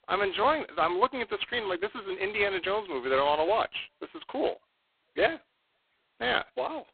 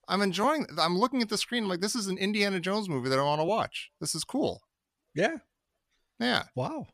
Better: second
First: phone-call audio; poor line; nothing above 4 kHz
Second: none

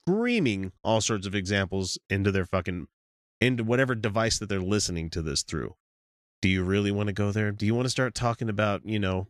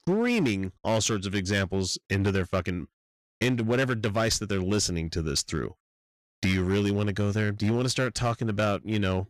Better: first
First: none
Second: distortion; slight; 6% of the sound clipped

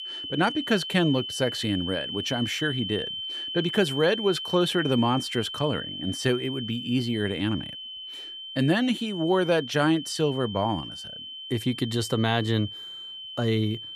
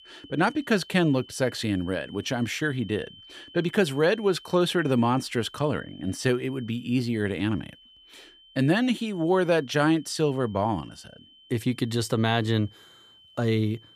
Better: second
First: high-pitched whine; loud; throughout; 3 kHz, 7 dB below the speech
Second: high-pitched whine; faint; throughout; 3 kHz, 25 dB below the speech

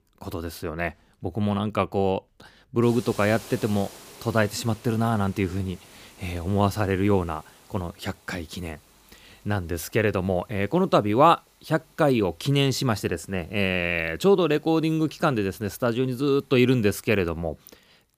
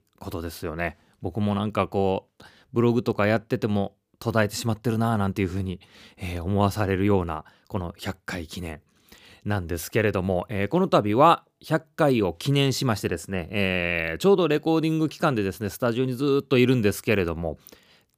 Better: second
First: hiss; faint; throughout; 25 dB below the speech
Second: none

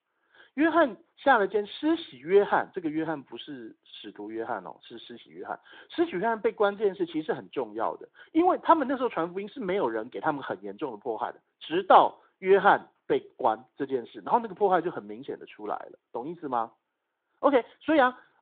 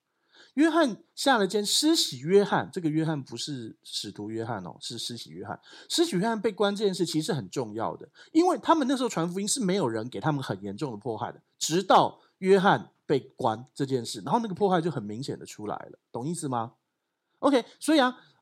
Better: second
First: phone-call audio; nothing above 4 kHz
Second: none

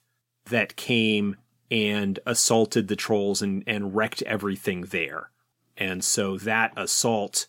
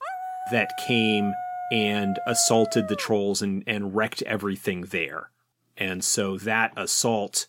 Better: first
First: none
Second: dog barking; noticeable; until 3 s; peak 7 dB below the speech

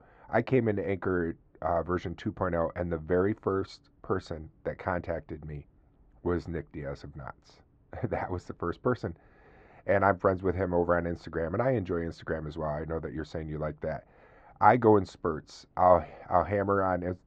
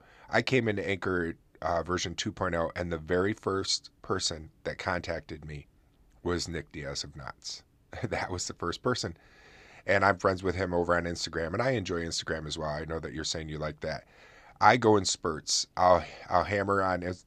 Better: second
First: muffled; very; fading above 3 kHz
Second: none

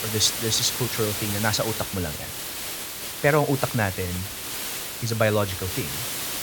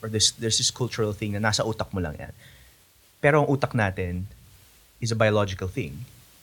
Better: second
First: hiss; loud; throughout; 4 dB below the speech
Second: hiss; faint; throughout; 30 dB below the speech

